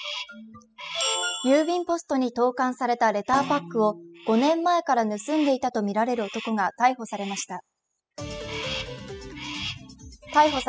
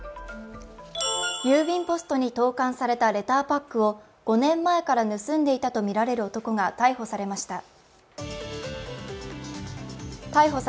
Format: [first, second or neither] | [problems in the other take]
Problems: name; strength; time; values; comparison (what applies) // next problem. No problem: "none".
second | noise reduction (classical method spectral subtraction)